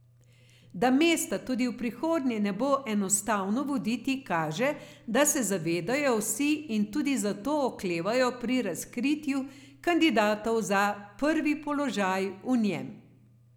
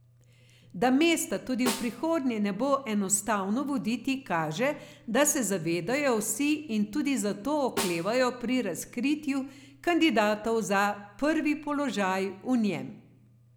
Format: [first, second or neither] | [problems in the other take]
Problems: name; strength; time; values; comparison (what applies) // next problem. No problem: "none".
first | background sound (Snare drum); 13 dB below the speech